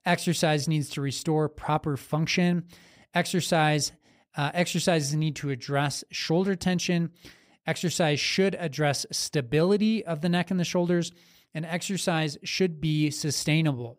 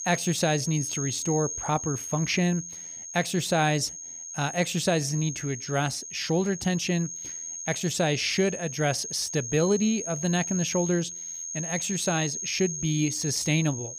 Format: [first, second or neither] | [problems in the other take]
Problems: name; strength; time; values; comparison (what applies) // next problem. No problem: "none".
first | high-pitched whine; loud; throughout; 6.5 kHz, 6 dB below the speech